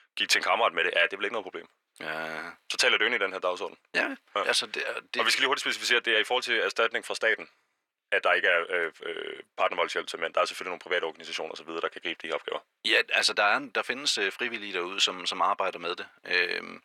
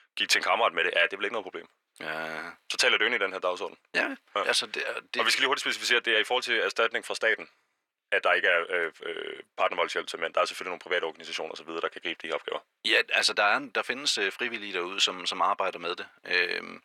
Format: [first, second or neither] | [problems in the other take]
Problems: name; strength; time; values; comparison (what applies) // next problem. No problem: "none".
neither | thin; very; fading below 500 Hz; the same in both